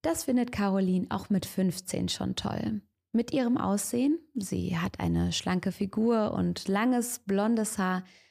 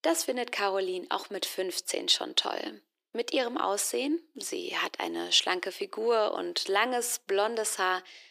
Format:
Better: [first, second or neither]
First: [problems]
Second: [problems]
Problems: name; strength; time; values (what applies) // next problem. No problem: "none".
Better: first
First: none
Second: thin; very; fading below 350 Hz